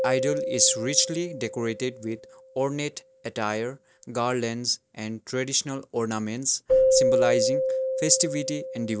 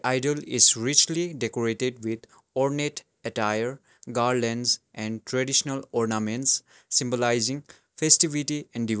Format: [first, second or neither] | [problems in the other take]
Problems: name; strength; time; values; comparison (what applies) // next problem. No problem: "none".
second | background sound (Keyboard (musical)); 1 dB below the speech